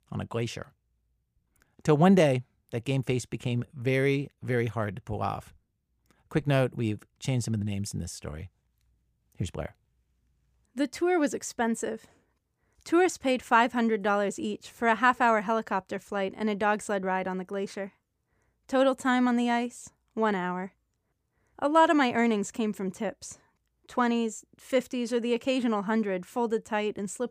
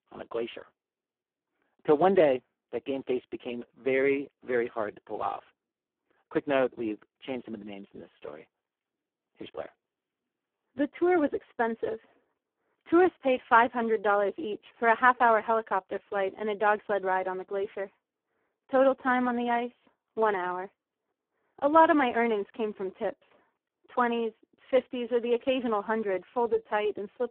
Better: first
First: none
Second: phone-call audio; poor line

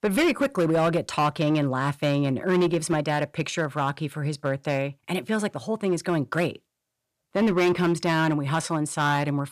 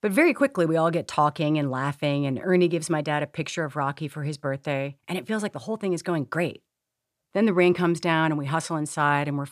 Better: second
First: distortion; slight; 8% of the sound clipped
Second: none

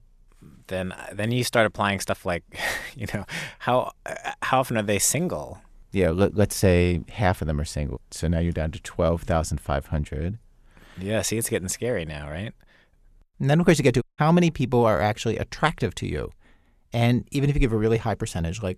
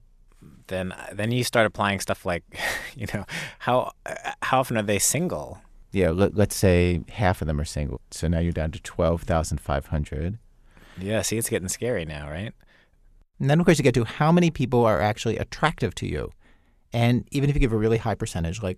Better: second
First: audio cutting out; at 14 s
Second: none

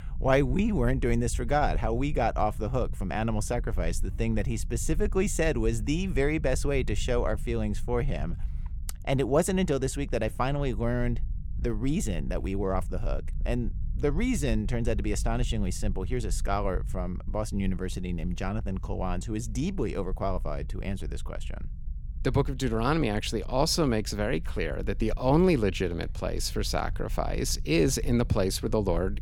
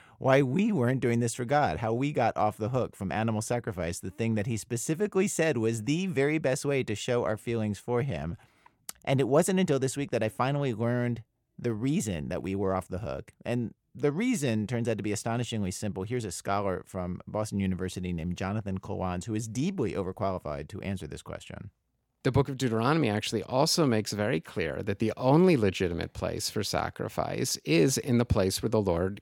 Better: second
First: low rumble; faint; throughout; 25 dB below the speech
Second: none

